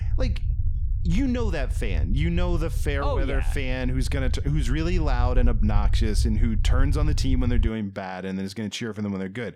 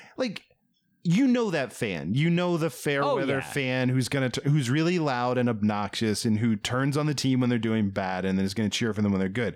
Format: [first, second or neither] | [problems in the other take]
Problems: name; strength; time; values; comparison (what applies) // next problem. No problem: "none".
second | low rumble; noticeable; until 7.5 s; 15 dB below the speech